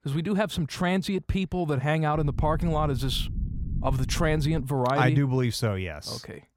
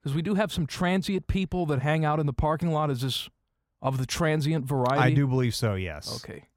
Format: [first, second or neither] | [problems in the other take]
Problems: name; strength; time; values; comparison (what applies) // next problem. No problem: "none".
second | low rumble; noticeable; from 2 to 4.5 s; 20 dB below the speech